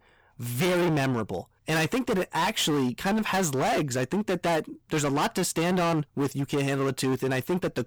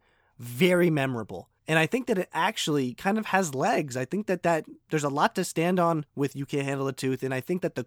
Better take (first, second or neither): second